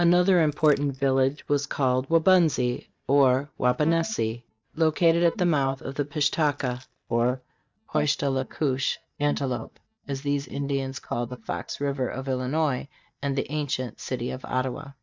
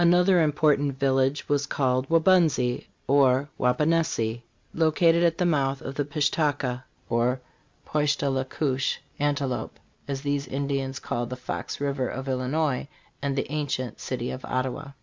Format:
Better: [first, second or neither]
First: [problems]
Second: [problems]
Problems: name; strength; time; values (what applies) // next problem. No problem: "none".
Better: second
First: noise reduction (neural mask model DeepFilterNet 3)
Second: none